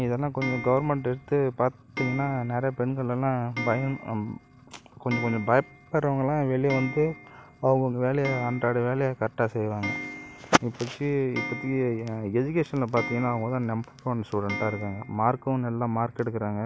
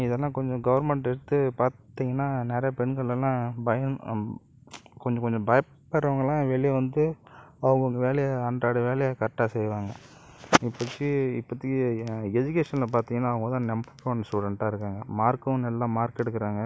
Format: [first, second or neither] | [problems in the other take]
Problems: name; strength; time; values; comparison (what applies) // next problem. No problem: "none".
second | background sound (Clock); 13 dB below the speech